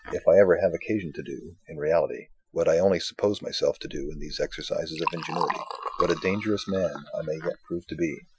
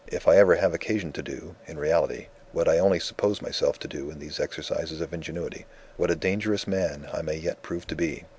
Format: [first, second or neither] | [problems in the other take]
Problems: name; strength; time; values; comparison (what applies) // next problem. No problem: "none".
second | noise reduction (classical method Wiener filter)